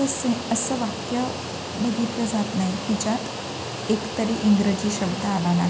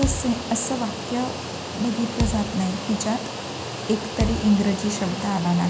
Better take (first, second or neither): first